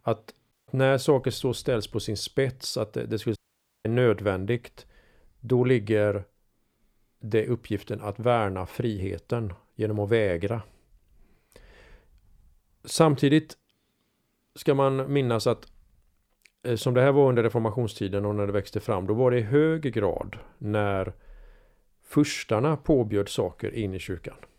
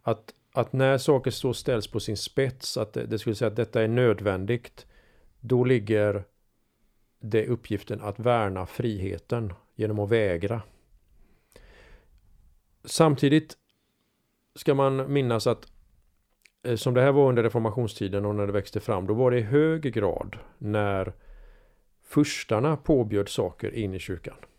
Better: second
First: audio cutting out; at 0.5 s and at 3.5 s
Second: none

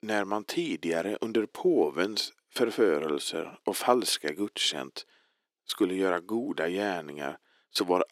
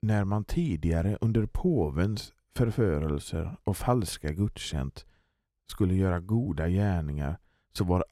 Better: second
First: thin; somewhat; fading below 300 Hz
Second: none

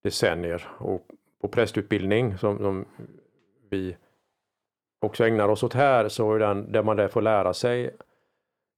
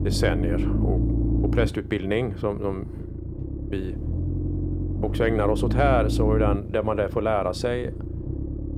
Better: first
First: none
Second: low rumble; loud; throughout; 9 dB below the speech

